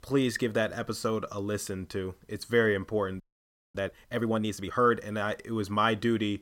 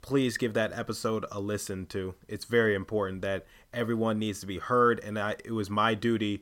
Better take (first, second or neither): second